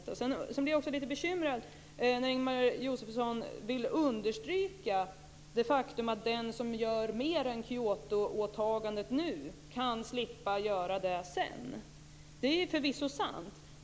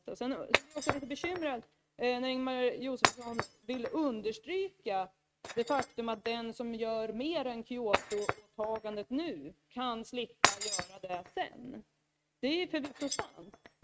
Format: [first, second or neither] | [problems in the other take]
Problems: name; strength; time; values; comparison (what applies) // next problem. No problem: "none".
first | noise reduction (neural mask model RNNoise)